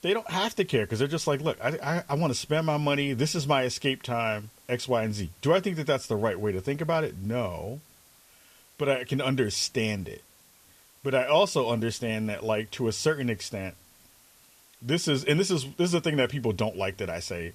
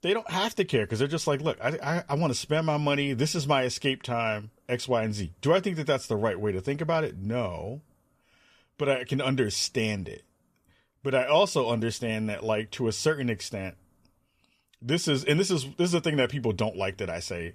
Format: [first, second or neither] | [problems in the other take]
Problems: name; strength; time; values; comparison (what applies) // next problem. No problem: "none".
second | hiss; faint; throughout; 25 dB below the speech